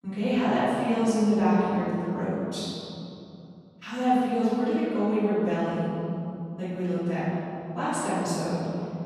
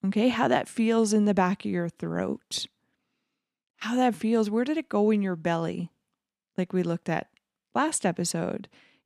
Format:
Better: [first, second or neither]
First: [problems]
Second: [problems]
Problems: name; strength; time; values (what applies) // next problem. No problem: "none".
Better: second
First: off-mic speech; far // room echo; strong; dies away in 3 s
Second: none